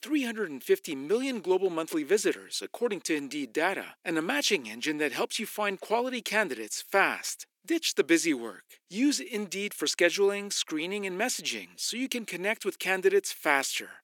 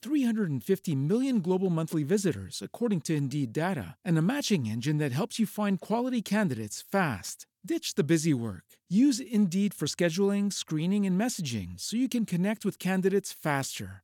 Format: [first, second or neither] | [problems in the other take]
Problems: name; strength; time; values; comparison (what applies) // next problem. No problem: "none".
second | thin; somewhat; fading below 350 Hz